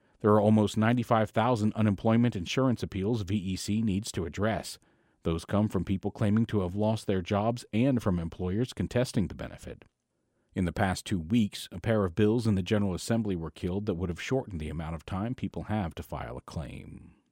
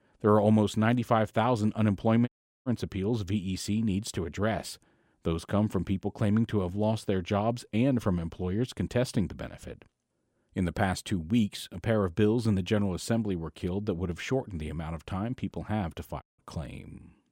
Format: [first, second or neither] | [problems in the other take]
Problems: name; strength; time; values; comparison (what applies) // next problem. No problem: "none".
first | audio cutting out; at 2.5 s and at 16 s